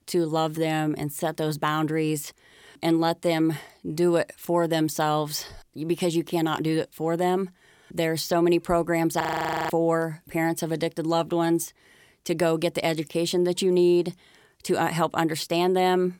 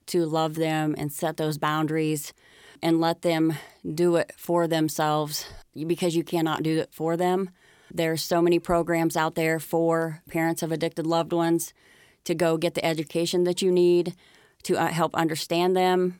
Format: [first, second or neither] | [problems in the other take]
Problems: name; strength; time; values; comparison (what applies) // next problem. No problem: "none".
second | audio freezing; at 9 s